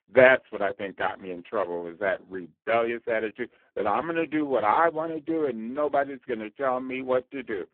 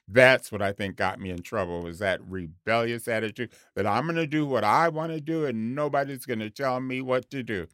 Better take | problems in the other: second | phone-call audio; poor line

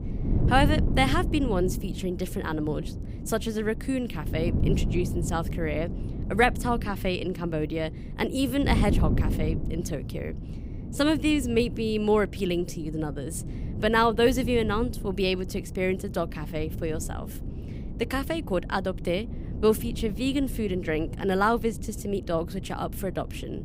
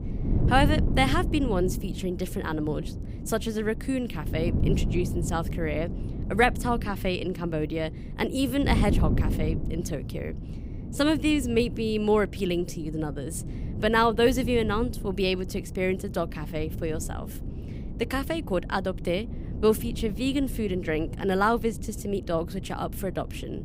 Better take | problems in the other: neither | wind noise on the microphone; occasional gusts; 15 dB below the speech; the same in both

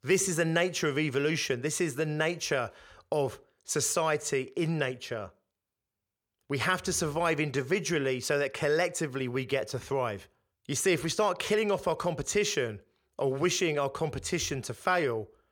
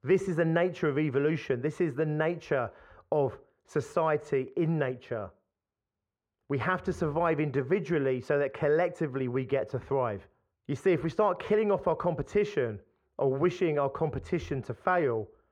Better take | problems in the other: first | muffled; very; fading above 3 kHz

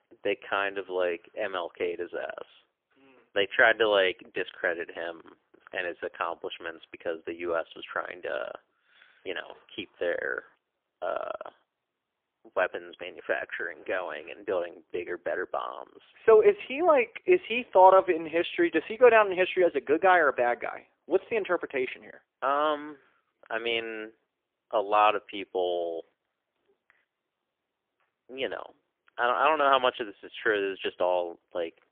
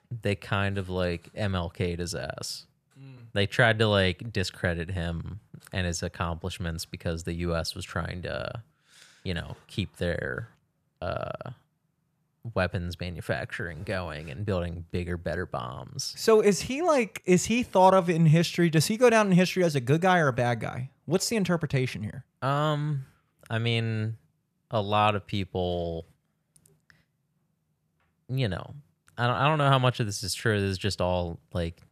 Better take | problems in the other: second | phone-call audio; poor line; nothing above 3.5 kHz

